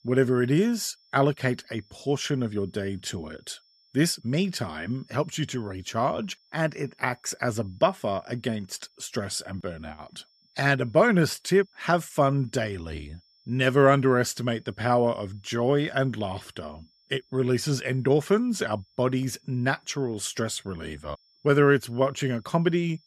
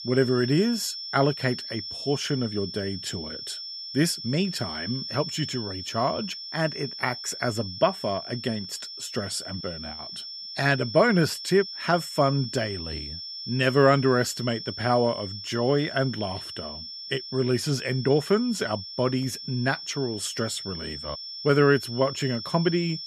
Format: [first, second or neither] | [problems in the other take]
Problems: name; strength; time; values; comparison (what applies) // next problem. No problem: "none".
first | high-pitched whine; loud; throughout; 5.5 kHz, 9 dB below the speech; faint in the first